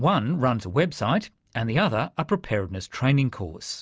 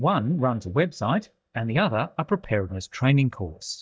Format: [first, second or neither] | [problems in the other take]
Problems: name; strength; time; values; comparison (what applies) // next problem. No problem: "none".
first | noise reduction (neural mask model DeepFilterNet 3)